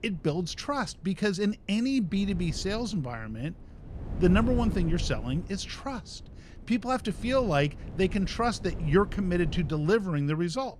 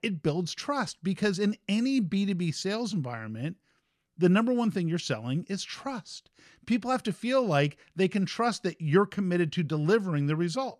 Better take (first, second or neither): second